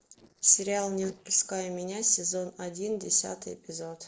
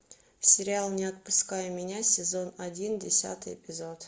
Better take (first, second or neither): second